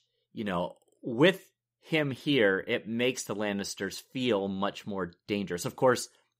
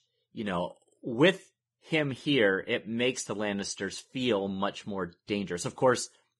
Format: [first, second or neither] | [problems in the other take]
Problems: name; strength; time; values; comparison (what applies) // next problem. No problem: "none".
first | garbled, watery; badly; nothing above 10.5 kHz